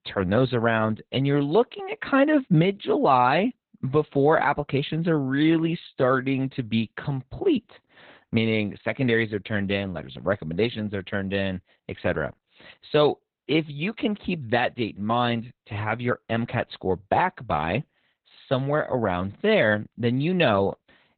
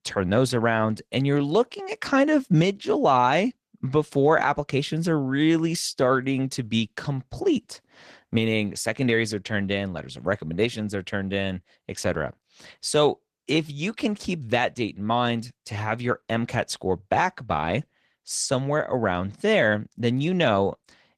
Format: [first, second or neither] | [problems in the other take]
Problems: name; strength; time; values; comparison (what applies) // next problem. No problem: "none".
second | garbled, watery; badly; nothing above 4 kHz; slightly in the second